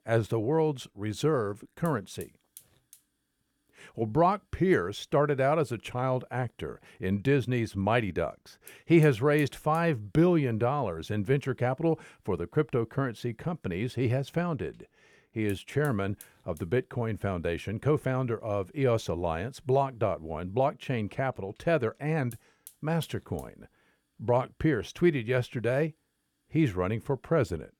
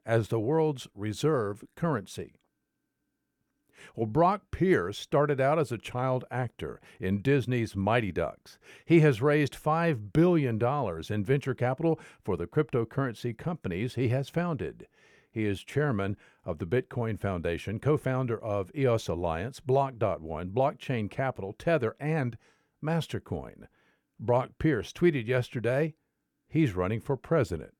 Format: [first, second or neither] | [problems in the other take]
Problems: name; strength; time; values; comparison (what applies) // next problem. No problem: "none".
second | hiss; faint; throughout; 25 dB below the speech